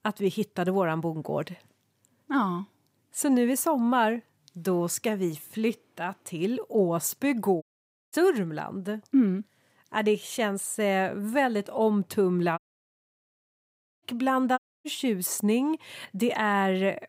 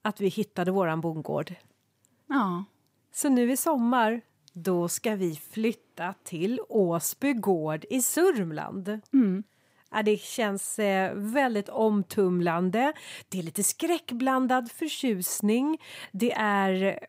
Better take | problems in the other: second | audio cutting out; at 7.5 s, at 13 s for 1.5 s and at 15 s

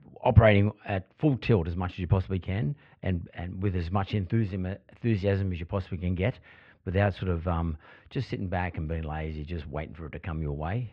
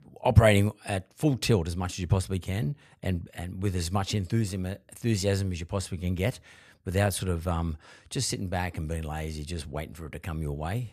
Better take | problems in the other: second | muffled; very; fading above 3 kHz

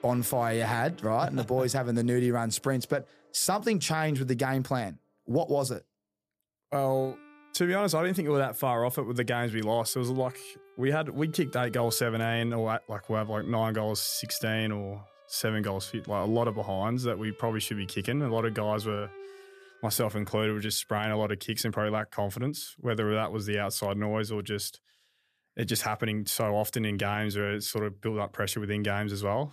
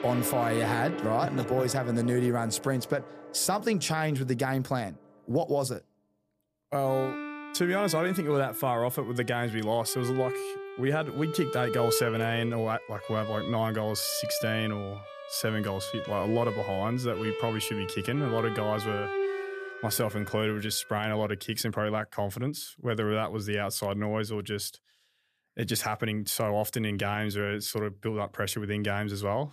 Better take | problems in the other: first | background music; loud; until 21 s; 7 dB below the speech; faint in the first

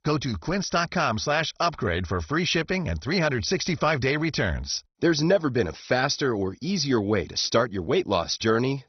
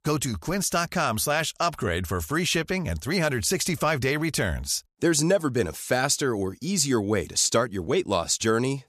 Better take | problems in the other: second | garbled, watery; badly; nothing above 6 kHz

